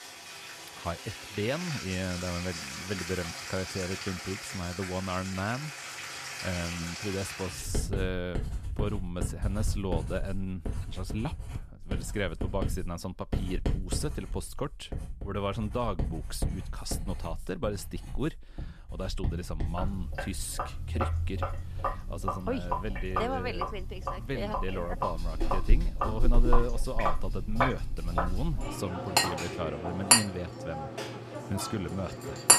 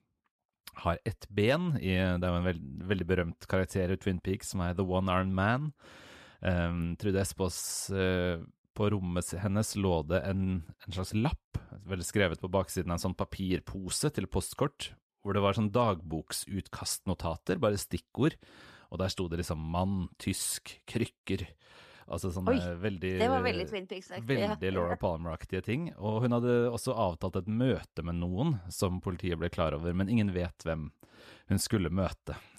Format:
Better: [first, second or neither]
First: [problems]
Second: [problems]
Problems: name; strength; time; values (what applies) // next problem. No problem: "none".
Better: second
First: household noises; very loud; throughout; 2 dB above the speech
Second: none